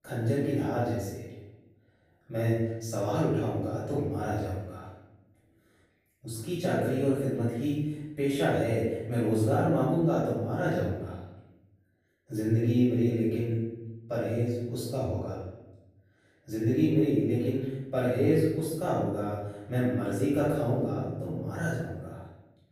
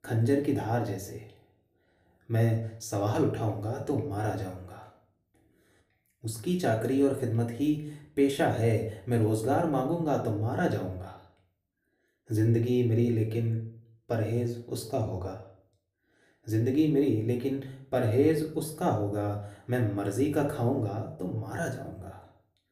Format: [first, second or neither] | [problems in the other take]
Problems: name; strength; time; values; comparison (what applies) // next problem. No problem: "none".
second | room echo; strong; dies away in 0.9 s; slight in the second // off-mic speech; far; somewhat distant in the second